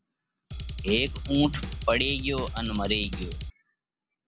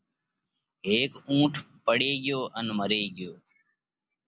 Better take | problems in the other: second | background sound (Drum kit); 5 dB below the speech

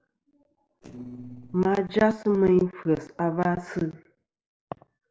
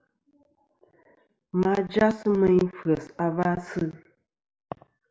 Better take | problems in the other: second | noise reduction (neural separator model SepFormer DNS4)

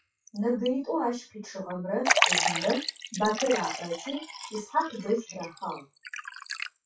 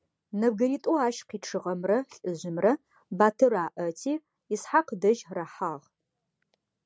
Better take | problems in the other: second | noise reduction (classical method WPE with log-MMSE)

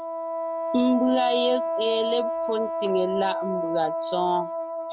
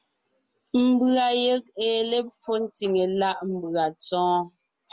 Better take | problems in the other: second | background sound (Wind instrument, woodwind instrument); 2 dB below the speech

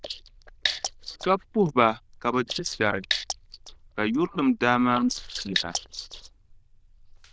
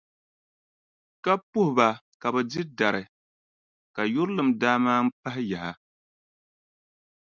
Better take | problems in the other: second | noise reduction (neural diffusion model UNIVERSE++)

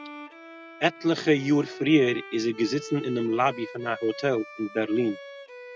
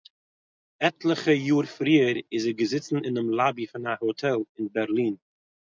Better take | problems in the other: second | background sound (Bowed string instrument); 16 dB below the speech

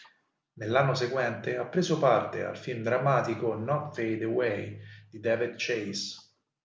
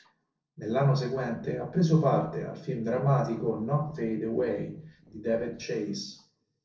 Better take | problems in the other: first | noise reduction (neural separator model SepFormer DNS4)

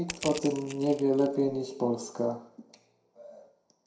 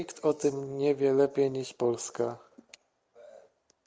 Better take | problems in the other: second | background sound (Crushing); 13 dB below the speech // room echo; dies away in 0.5 s

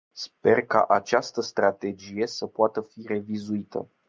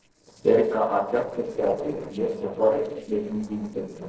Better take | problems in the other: first | noise reduction (neural separator model SepFormer DNS4)

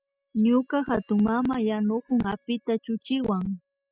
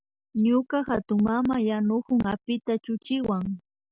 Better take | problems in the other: second | noise reduction (classical method spectral subtraction)

